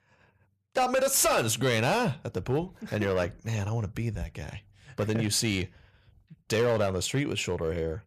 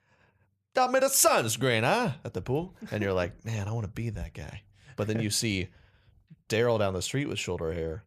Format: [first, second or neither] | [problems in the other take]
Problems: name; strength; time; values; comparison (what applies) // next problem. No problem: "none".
second | distortion; slight; 5% of the sound clipped